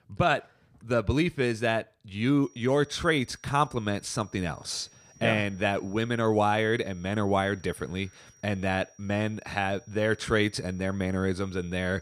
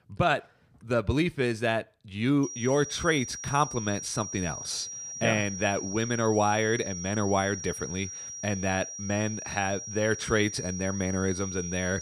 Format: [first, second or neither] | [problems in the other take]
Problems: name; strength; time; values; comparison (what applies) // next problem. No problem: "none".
first | high-pitched whine; loud; from 2.5 s on; 5.5 kHz, 8 dB below the speech; faint in the first